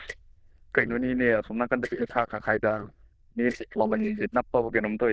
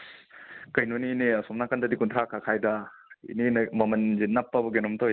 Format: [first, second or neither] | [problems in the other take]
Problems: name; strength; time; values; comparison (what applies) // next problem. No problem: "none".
second | noise reduction (neural diffusion model UNIVERSE++)